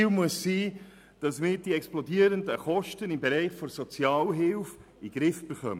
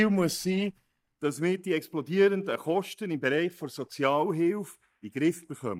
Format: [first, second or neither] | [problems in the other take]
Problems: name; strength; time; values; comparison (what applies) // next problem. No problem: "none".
first | noise reduction (neural mask model DeepFilterNet 3)